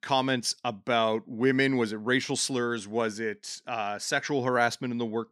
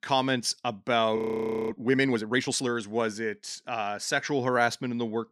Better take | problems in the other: first | audio freezing; at 1 s for 0.5 s

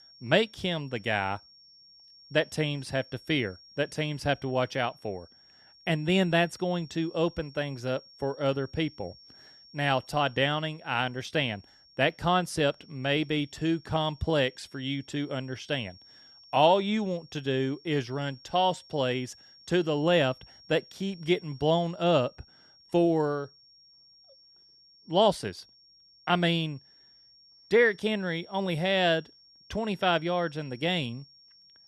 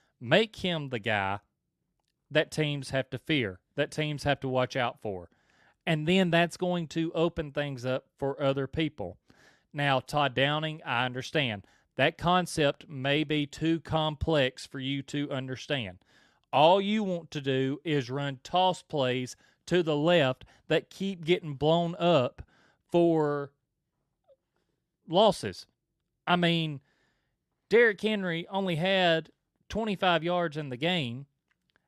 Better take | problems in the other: second | high-pitched whine; faint; throughout; 5.5 kHz, 25 dB below the speech

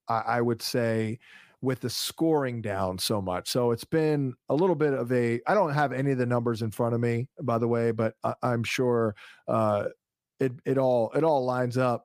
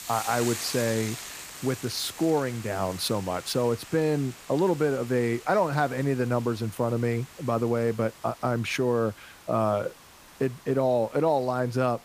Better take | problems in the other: first | hiss; noticeable; throughout; 15 dB below the speech

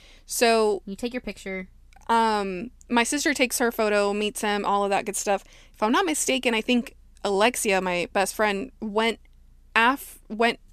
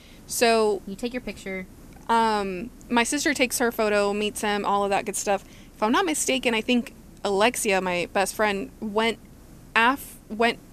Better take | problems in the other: first | hiss; faint; throughout; 25 dB below the speech

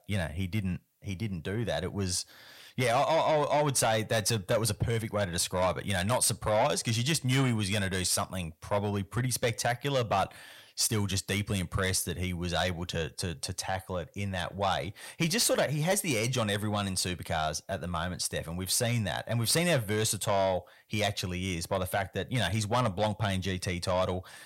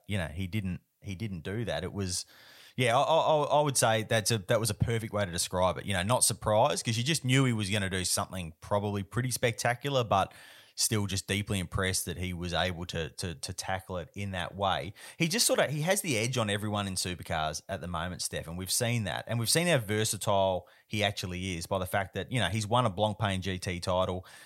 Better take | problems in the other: second | distortion; slight; 10 dB below the speech

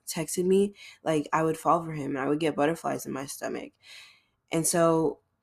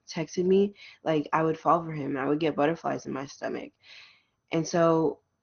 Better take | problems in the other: first | garbled, watery; slightly; nothing above 6.5 kHz

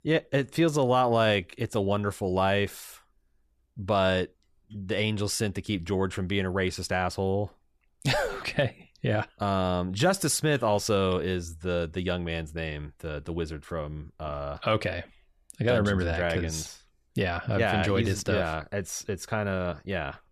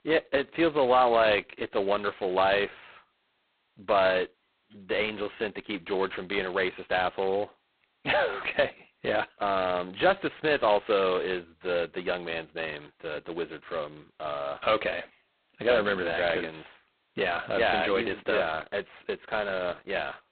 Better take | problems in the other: first | phone-call audio; poor line; nothing above 4 kHz

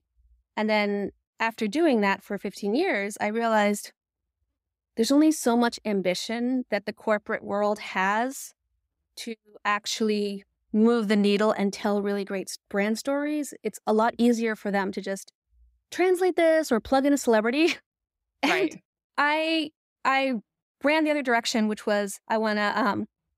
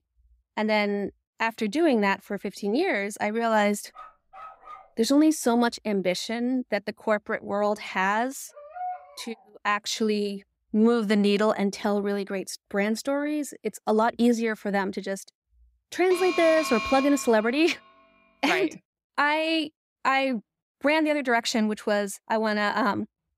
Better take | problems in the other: first | dog barking; faint; at 4 s; peak 20 dB below the speech // dog barking; noticeable; at 8.5 s; peak 10 dB below the speech // alarm; noticeable; from 16 to 17 s; peak 4 dB below the speech

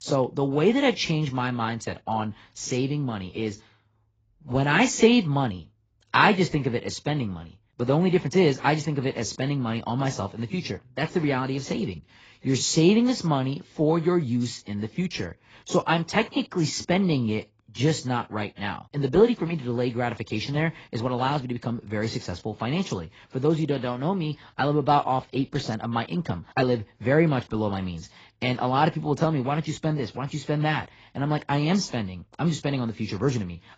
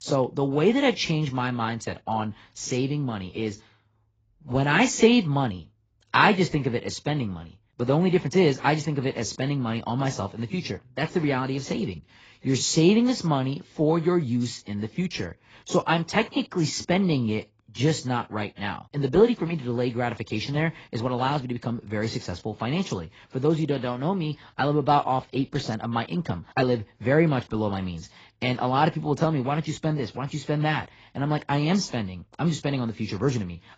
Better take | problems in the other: neither | garbled, watery; badly; nothing above 7.5 kHz; the same in both

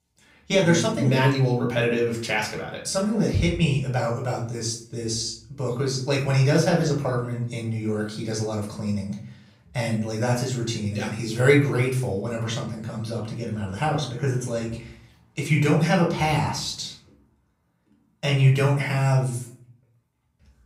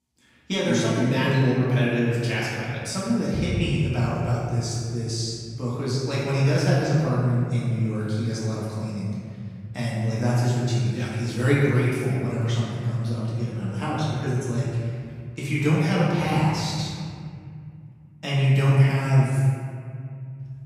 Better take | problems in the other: first | room echo; strong; dies away in 2.3 s; slight in the first // off-mic speech; far; far in the first

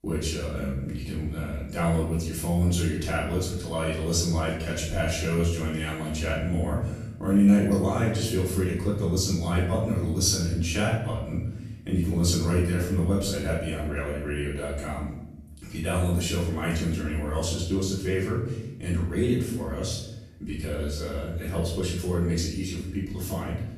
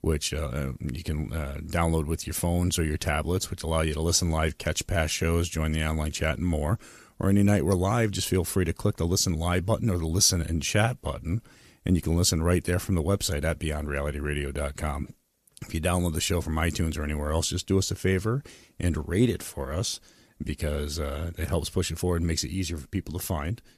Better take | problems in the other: second | off-mic speech; far // room echo; noticeable; dies away in 0.9 s

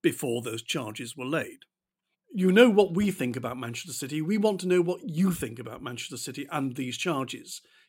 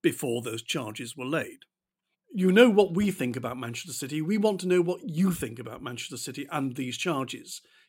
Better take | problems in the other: neither | none

